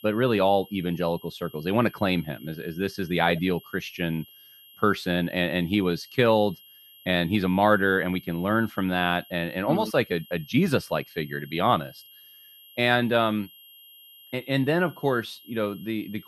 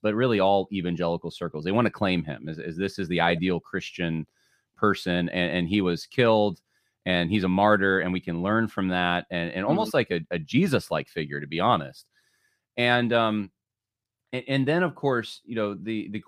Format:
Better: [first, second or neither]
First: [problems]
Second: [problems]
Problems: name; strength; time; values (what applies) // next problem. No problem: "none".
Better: second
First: high-pitched whine; faint; throughout; 3 kHz, 25 dB below the speech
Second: none